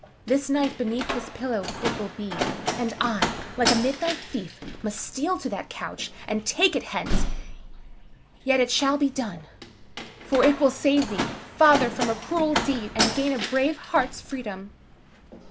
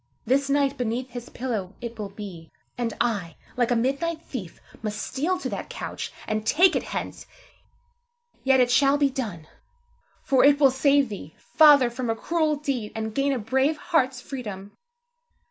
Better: second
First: background sound (Slam); 5 dB below the speech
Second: none

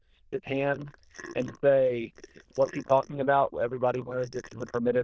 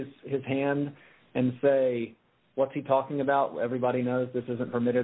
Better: second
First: noise reduction (neural diffusion model UNIVERSE++)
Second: none

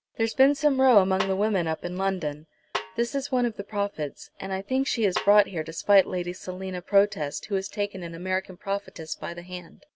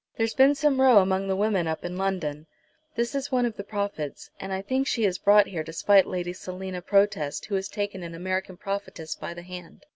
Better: second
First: background sound (Snare drum); 12 dB below the speech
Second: none

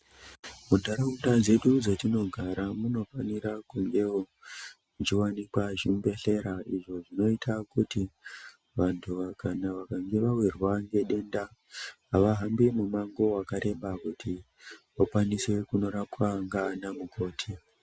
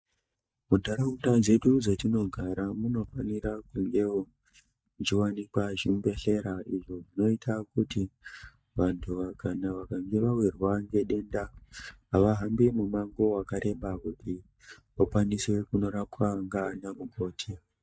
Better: first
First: none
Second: noise reduction (neural mask model DeepFilterNet 3)

